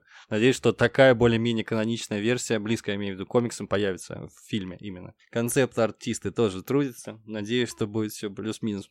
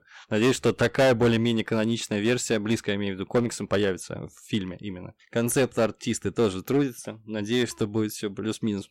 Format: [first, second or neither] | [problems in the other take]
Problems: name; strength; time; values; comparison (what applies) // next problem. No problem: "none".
first | distortion; slight; 6% of the sound clipped